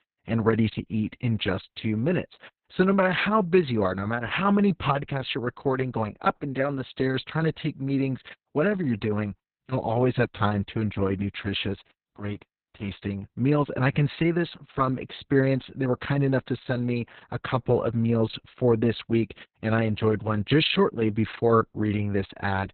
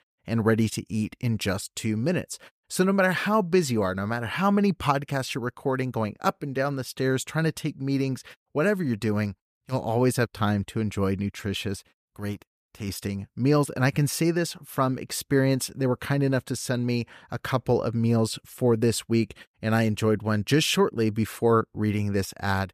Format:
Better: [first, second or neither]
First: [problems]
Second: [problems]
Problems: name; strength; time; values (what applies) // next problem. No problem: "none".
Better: second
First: garbled, watery; badly; nothing above 4 kHz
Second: none